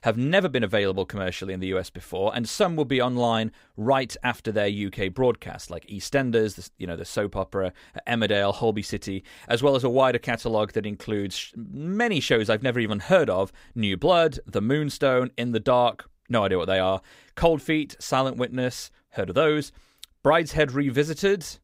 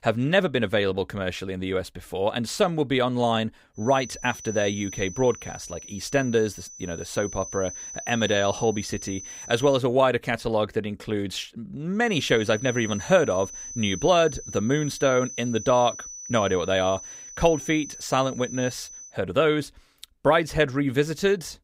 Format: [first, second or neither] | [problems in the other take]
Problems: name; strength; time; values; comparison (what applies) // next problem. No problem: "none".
first | high-pitched whine; noticeable; from 4 to 10 s and from 12 to 19 s; 6 kHz, 15 dB below the speech